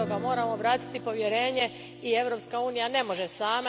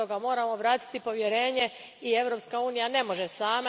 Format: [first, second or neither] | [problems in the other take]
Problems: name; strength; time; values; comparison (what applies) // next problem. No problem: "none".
second | background sound (Guitar); 12 dB below the speech